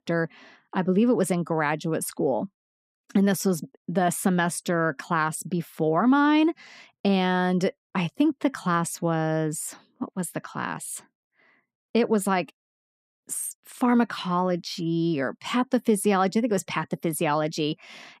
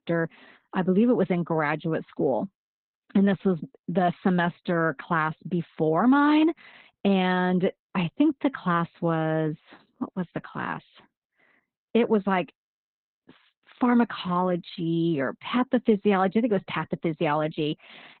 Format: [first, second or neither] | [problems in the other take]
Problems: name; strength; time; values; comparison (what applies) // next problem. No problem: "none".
first | garbled, watery; badly; nothing above 4 kHz